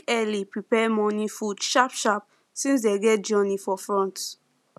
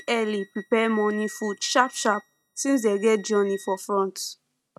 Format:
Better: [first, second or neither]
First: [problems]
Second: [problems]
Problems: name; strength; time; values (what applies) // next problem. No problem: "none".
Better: first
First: none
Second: noise reduction (neural mask model RNNoise)